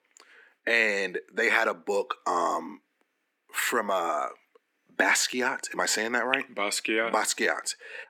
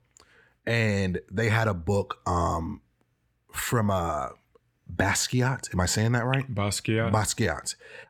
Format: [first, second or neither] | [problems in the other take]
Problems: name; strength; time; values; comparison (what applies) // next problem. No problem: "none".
second | thin; very; fading below 250 Hz